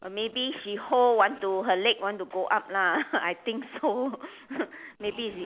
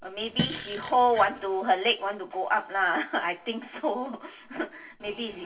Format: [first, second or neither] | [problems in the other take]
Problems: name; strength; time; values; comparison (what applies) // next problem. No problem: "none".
first | background sound (Fart); 8 dB below the speech // room echo; dies away in 0.2 s